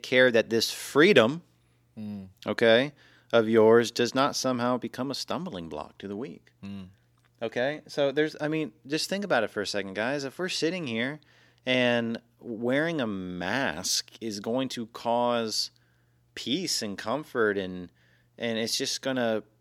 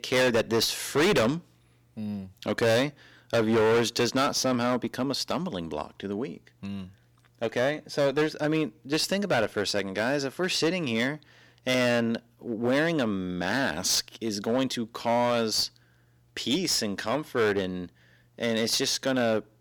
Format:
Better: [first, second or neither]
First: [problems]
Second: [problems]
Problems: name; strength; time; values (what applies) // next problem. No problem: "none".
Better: first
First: none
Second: distortion; heavy; 8% of the sound clipped